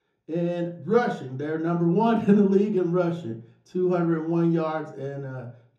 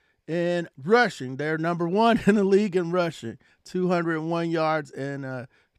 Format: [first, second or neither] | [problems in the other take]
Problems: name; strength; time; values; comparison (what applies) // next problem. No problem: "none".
second | room echo; slight; dies away in 0.6 s // off-mic speech; far